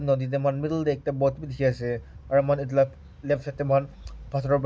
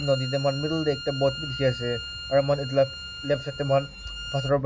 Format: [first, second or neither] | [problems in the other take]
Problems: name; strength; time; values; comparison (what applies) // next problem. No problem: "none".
first | background sound (Bowed string instrument); 11 dB below the speech